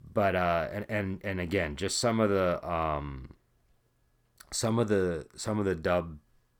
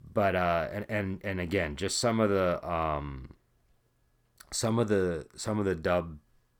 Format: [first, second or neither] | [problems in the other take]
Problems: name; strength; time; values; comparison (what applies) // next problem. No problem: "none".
neither | none